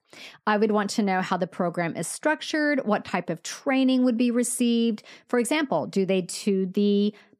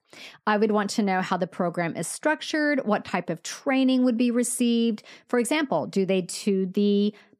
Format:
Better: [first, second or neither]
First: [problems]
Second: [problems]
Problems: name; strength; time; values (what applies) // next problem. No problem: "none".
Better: neither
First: none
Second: none